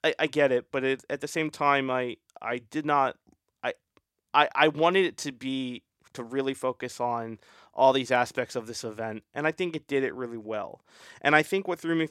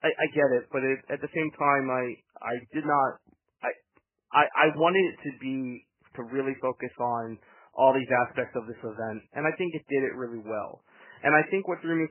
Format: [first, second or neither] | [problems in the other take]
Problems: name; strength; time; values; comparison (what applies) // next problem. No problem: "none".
first | garbled, watery; badly; nothing above 3 kHz